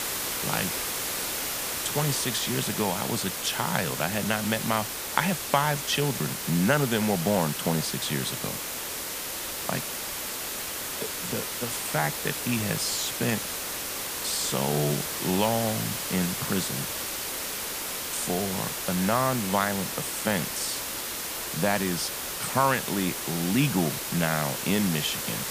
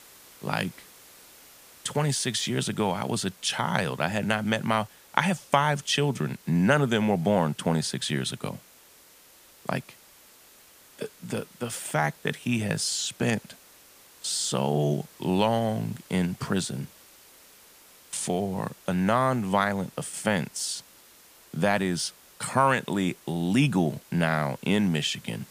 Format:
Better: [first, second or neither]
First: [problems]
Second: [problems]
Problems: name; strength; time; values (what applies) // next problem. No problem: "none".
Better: second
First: hiss; loud; throughout; 2 dB below the speech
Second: hiss; faint; throughout; 25 dB below the speech